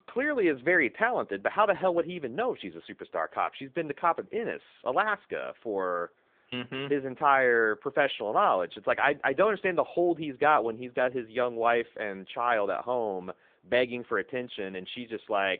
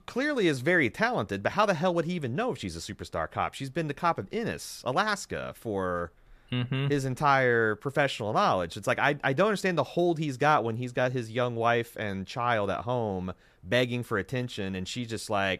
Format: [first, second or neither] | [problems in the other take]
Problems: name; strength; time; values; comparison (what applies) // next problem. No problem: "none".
second | phone-call audio